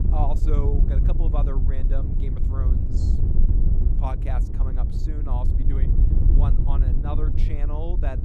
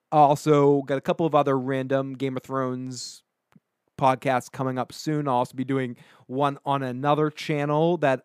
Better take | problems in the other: second | wind noise on the microphone; heavy; 3 dB below the speech

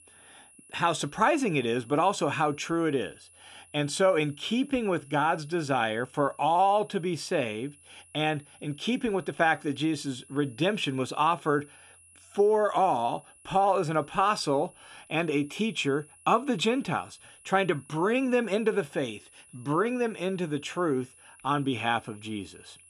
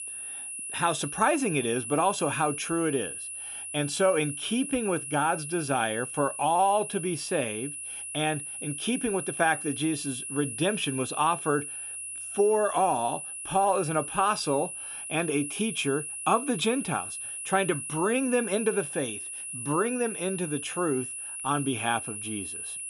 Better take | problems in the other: first | high-pitched whine; loud; throughout; 10 kHz, 6 dB below the speech; faint in the first

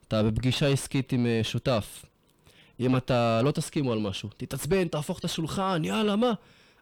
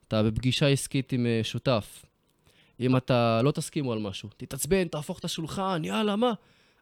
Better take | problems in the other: second | distortion; slight; 10 dB below the speech

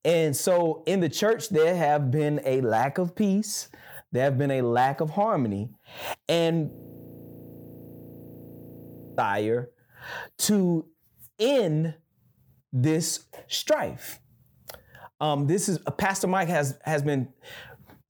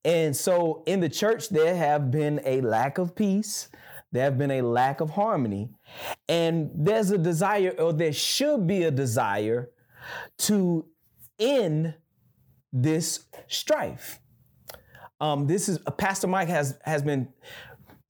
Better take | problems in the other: second | audio freezing; at 6.5 s for 2.5 s

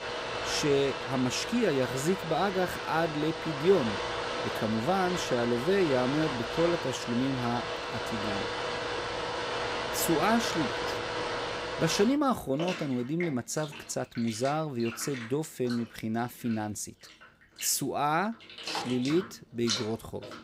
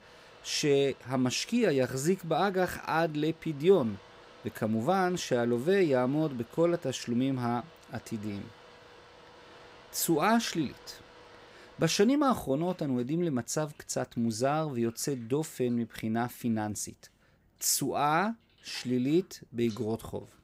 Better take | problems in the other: second | household noises; loud; throughout; 4 dB below the speech; faint in the second

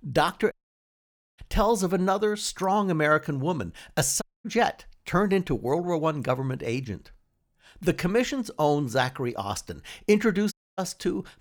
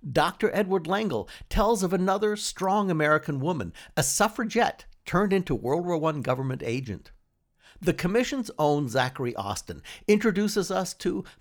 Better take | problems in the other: second | audio cutting out; at 0.5 s for 1 s, at 4 s and at 11 s

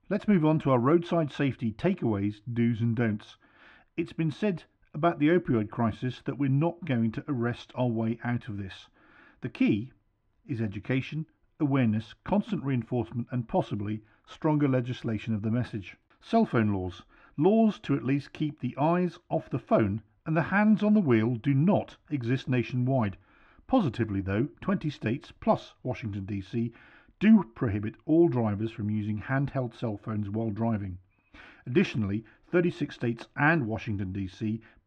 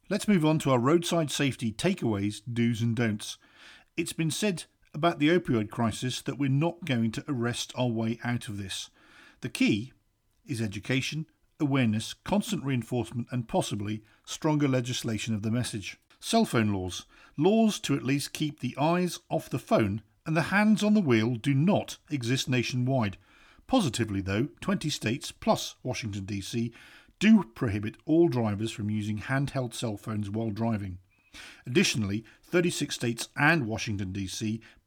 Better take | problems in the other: second | muffled; very; fading above 2 kHz

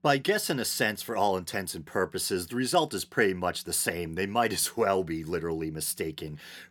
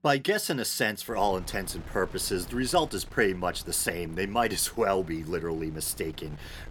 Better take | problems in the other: first | wind noise on the microphone; occasional gusts; from 1 s on; 20 dB below the speech

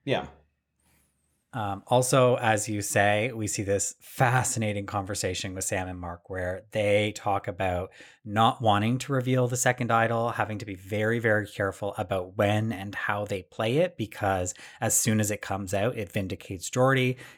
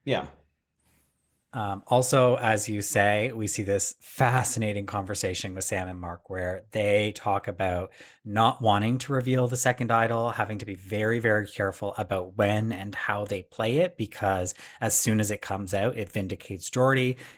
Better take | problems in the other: first | garbled, watery; slightly; nothing above 19 kHz

